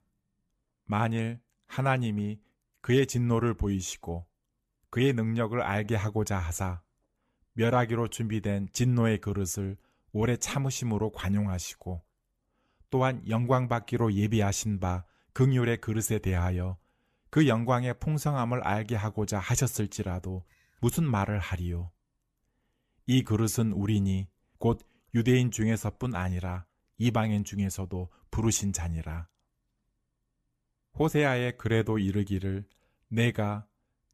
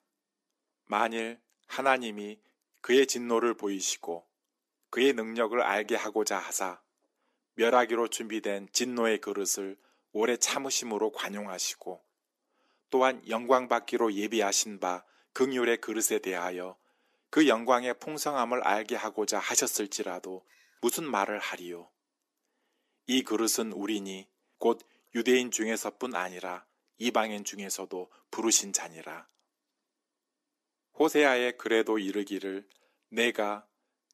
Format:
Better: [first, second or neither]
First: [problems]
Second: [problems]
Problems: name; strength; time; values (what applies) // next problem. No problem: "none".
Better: first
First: none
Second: thin; somewhat; fading below 300 Hz